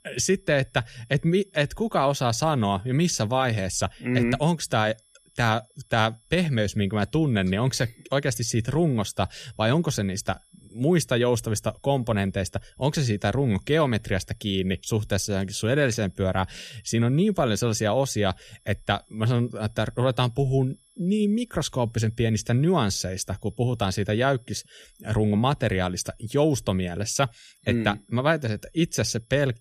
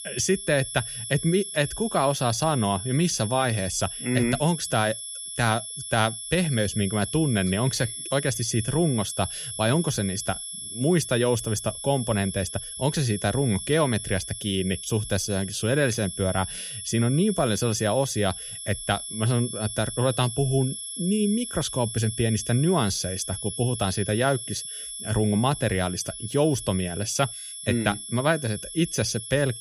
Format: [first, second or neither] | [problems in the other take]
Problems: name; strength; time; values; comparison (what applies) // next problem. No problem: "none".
first | high-pitched whine; loud; throughout; 11 kHz, 7 dB below the speech; faint in the first